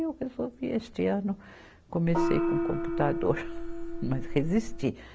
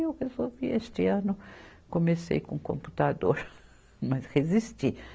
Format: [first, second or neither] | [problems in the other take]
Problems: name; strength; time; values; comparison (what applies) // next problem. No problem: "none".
second | background sound (Gong); 1 dB above the speech